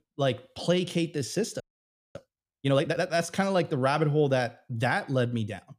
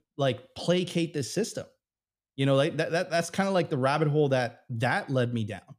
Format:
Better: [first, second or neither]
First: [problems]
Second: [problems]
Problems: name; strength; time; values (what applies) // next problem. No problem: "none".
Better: second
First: audio freezing; at 1.5 s for 0.5 s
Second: none